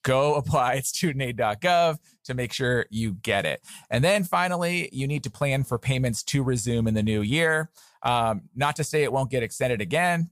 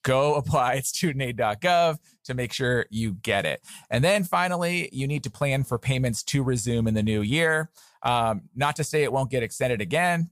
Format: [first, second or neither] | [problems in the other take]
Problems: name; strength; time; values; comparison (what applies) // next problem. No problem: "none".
neither | none